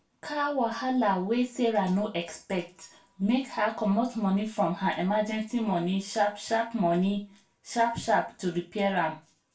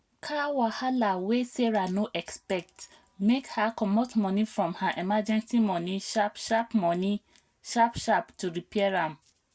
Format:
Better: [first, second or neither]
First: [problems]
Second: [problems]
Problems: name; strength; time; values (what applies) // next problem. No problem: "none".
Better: second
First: room echo; dies away in 0.3 s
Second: none